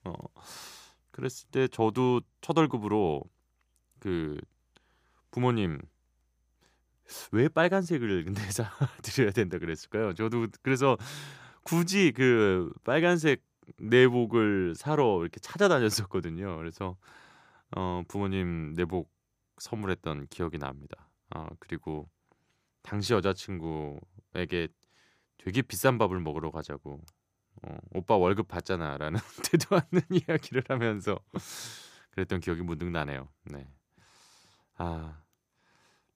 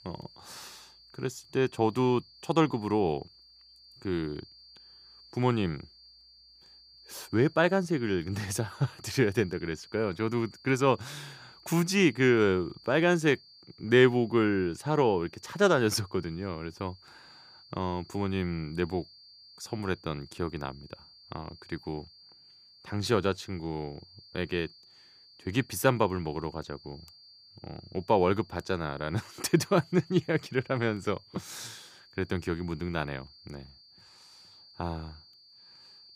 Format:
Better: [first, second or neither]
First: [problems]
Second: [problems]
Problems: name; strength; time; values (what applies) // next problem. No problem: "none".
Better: first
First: none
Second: high-pitched whine; faint; throughout; 4.5 kHz, 25 dB below the speech